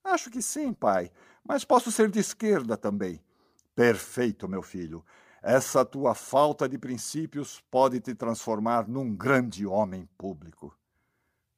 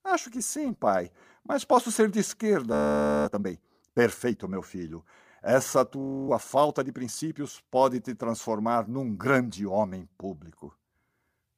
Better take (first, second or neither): first